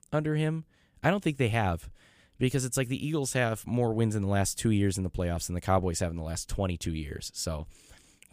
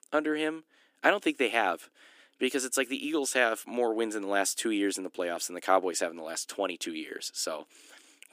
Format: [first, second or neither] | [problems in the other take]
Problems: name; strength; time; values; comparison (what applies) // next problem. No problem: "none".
first | thin; somewhat; fading below 300 Hz